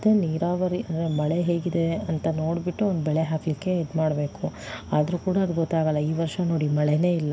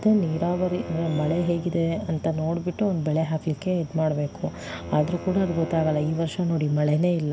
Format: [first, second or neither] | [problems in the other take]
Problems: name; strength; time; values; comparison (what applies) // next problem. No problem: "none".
first | background sound (Bowed string instrument); 15 dB below the speech